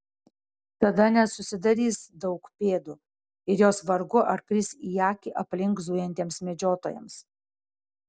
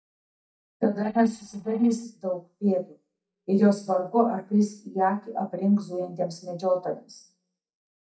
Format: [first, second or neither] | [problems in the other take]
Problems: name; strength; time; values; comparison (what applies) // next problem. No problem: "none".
first | noise reduction (neural mask model DeepFilterNet 3)